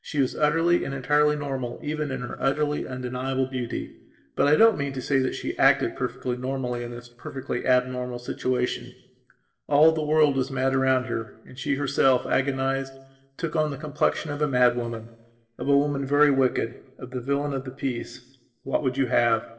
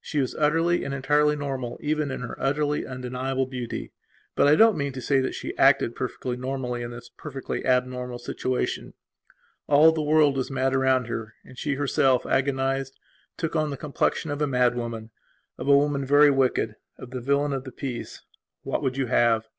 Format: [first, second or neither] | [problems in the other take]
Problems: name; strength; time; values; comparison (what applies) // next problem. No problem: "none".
second | noise reduction (neural separator model SepFormer DNS4)